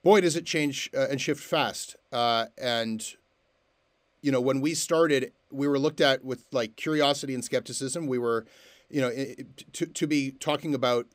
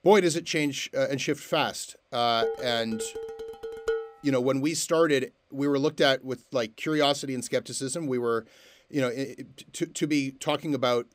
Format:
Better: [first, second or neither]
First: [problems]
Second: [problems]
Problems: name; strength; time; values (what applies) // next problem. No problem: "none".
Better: first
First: none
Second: clattering dishes; noticeable; from 2.5 to 4 s; peak 4 dB below the speech